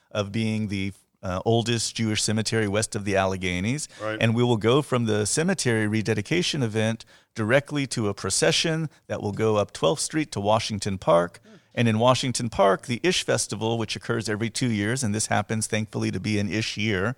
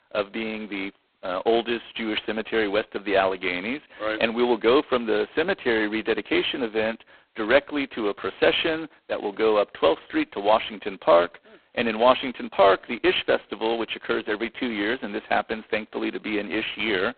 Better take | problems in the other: first | phone-call audio; poor line; nothing above 3.5 kHz

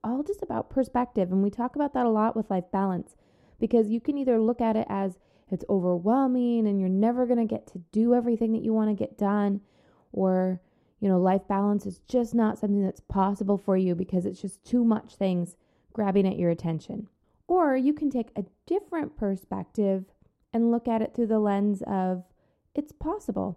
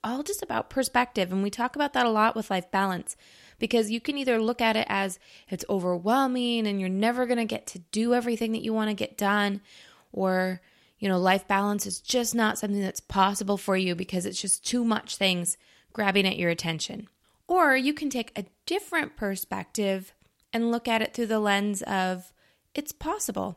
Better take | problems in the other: second | muffled; very; fading above 1 kHz

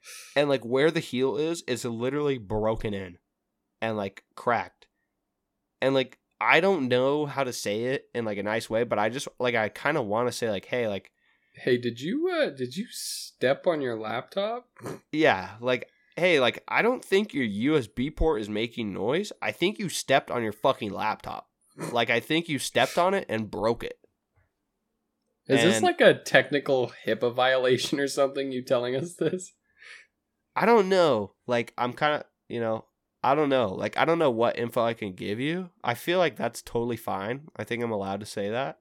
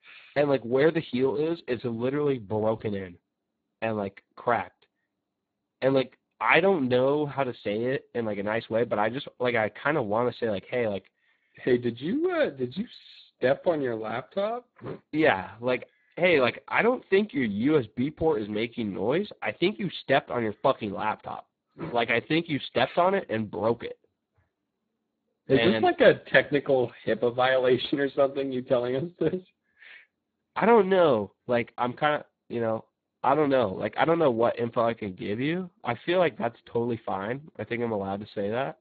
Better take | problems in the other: first | garbled, watery; badly; nothing above 4 kHz

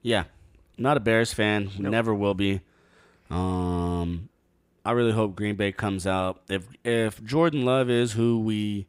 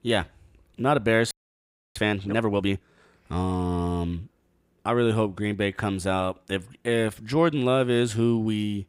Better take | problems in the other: first | audio freezing; at 1.5 s for 0.5 s

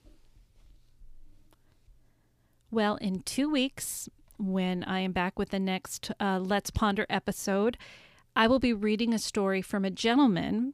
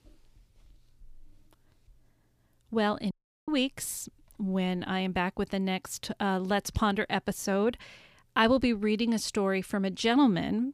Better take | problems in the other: first | audio cutting out; at 3 s

